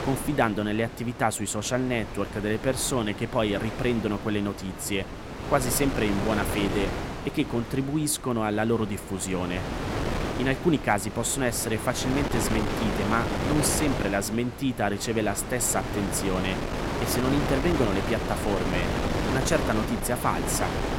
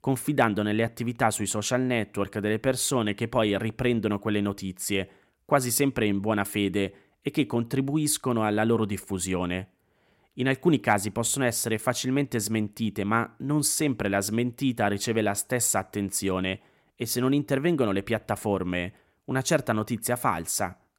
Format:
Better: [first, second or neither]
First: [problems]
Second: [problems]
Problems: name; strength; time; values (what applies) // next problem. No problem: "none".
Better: second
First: wind noise on the microphone; heavy; 4 dB below the speech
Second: none